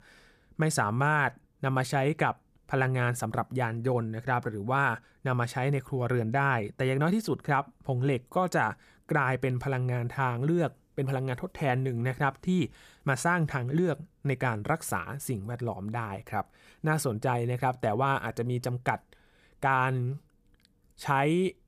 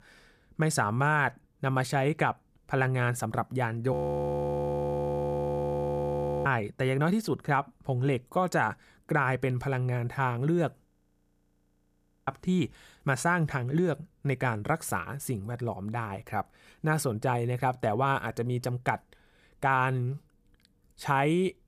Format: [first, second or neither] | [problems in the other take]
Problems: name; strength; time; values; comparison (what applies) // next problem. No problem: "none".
first | audio freezing; at 4 s for 2.5 s and at 11 s for 1.5 s